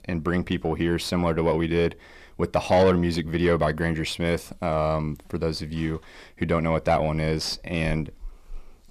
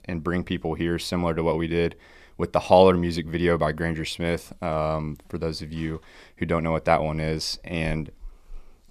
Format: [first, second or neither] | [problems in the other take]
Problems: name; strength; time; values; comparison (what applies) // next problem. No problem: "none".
second | distortion; slight; 10 dB below the speech